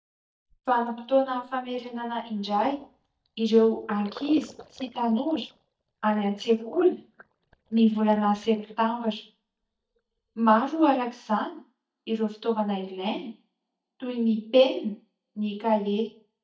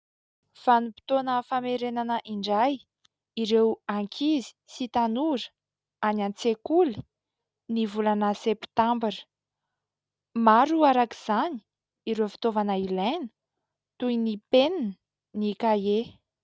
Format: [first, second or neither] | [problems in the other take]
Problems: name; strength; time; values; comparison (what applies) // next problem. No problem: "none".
second | noise reduction (neural mask model DeepFilterNet 3)